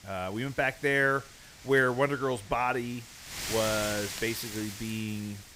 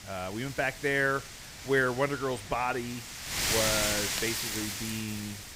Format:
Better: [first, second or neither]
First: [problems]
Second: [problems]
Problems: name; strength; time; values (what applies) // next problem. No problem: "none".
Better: first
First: wind noise on the microphone; occasional gusts; 10 dB below the speech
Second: wind noise on the microphone; heavy; 3 dB below the speech